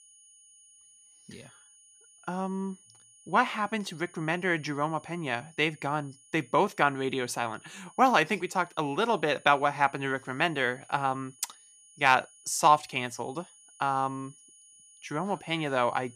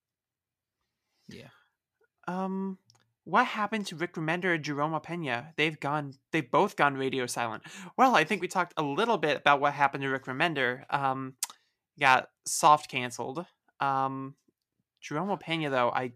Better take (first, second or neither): second